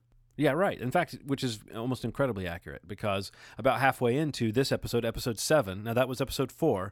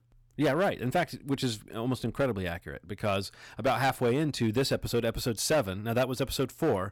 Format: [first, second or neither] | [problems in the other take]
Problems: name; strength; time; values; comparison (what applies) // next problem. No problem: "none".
first | distortion; slight; 6% of the sound clipped